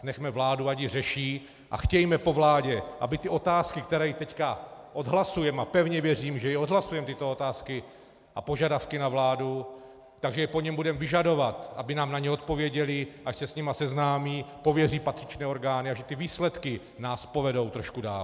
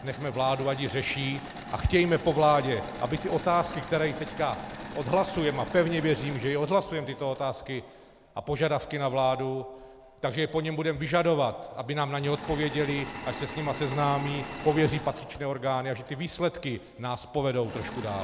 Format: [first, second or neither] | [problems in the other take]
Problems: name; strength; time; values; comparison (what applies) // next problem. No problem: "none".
first | background sound (Engine / Mechanisms); 14 dB below the speech